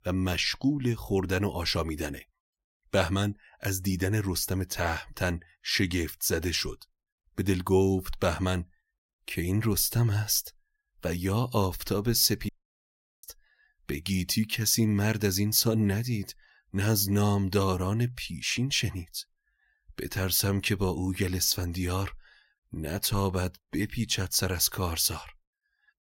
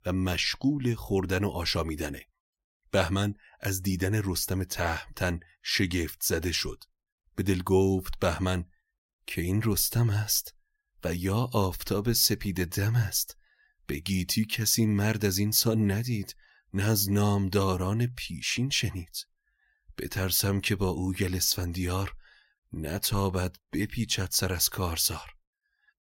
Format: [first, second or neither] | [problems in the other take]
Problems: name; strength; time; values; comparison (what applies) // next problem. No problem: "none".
second | audio cutting out; at 12 s for 0.5 s